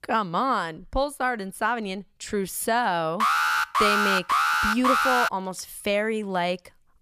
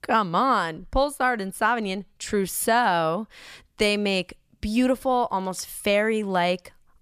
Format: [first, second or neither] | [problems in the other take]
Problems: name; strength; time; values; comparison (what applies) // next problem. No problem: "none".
second | alarm; loud; from 3 to 5.5 s; peak 6 dB above the speech